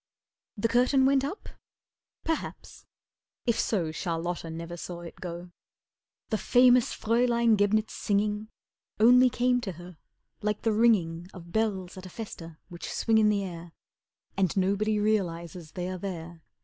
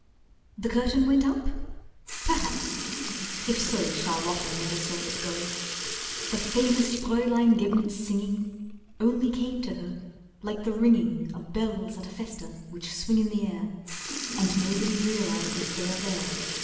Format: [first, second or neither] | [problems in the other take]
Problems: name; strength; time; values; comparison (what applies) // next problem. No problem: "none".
first | background sound (Sink (filling or washing) / Liquid); 8 dB below the speech // room echo; dies away in 1.3 s